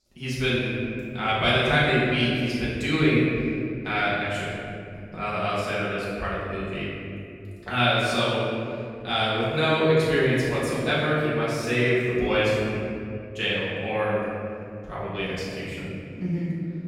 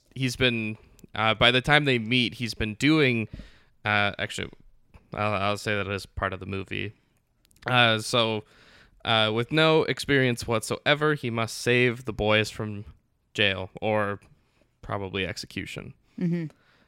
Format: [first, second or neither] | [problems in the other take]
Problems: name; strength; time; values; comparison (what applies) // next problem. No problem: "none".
second | room echo; strong; dies away in 2.5 s // off-mic speech; far